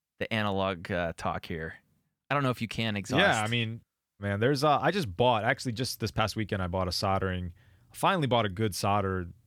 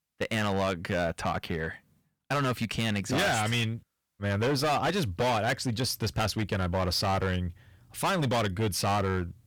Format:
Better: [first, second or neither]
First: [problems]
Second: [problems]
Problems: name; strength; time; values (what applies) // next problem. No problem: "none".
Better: first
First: none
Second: distortion; heavy; 15% of the sound clipped